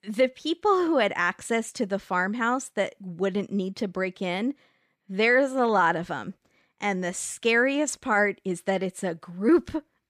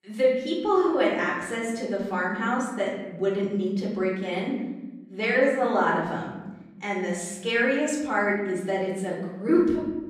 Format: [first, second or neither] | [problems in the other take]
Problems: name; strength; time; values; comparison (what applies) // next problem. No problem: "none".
first | room echo; noticeable; dies away in 1.1 s // off-mic speech; far